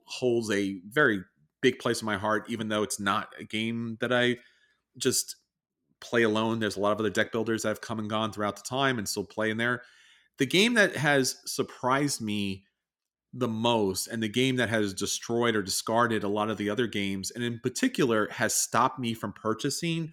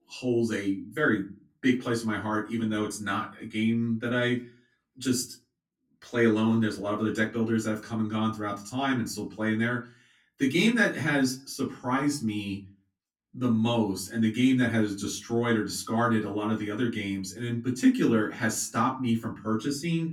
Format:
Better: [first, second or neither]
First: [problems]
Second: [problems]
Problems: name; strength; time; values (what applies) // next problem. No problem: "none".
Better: first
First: none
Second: off-mic speech; far // room echo; very slight; dies away in 0.3 s